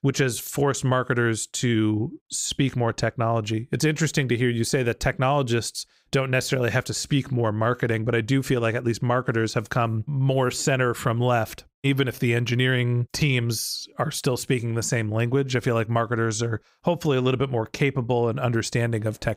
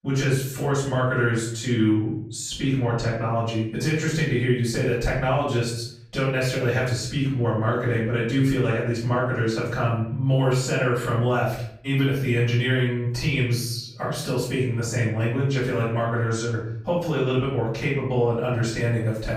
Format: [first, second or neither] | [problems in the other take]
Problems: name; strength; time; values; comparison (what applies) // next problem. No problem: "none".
first | off-mic speech; far // room echo; noticeable; dies away in 0.6 s